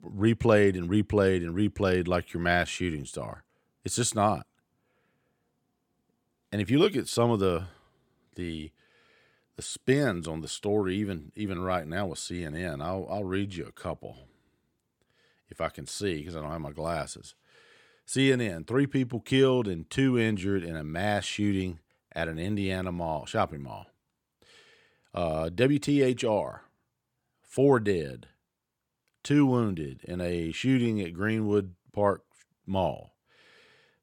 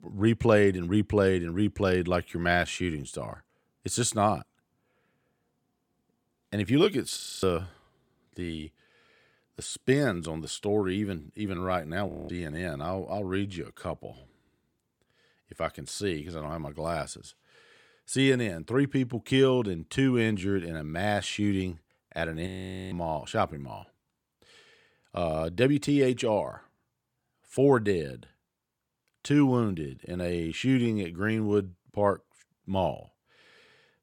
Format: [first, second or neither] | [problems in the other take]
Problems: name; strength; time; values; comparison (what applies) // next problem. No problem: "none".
first | audio freezing; at 7 s, at 12 s and at 22 s